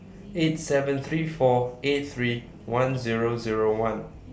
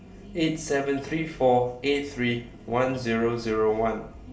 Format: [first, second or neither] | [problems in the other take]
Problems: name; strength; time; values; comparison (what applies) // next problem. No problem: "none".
first | room echo; dies away in 0.6 s